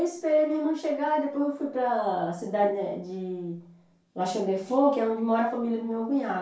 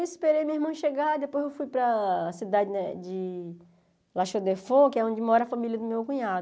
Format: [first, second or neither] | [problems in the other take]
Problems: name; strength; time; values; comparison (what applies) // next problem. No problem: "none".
second | room echo; dies away in 0.3 s